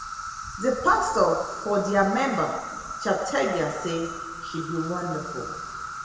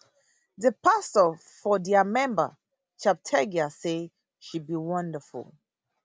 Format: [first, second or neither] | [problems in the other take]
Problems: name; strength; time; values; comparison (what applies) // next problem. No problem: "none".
second | background sound (Insect); 9 dB below the speech // room echo; dies away in 1.3 s